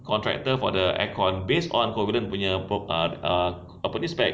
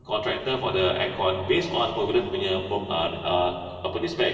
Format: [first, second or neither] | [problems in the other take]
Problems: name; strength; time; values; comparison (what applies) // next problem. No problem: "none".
first | room echo; dies away in 2.5 s